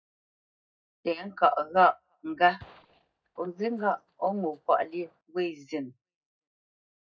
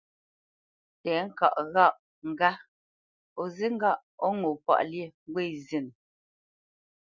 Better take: second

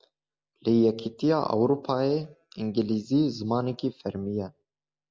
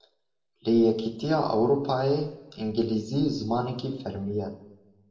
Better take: first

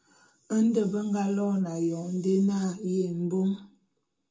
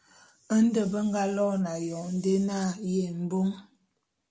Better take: second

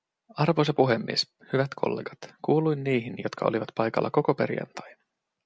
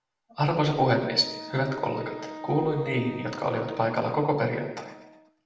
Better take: first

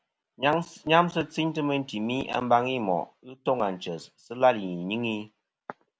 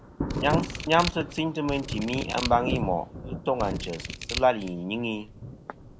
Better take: first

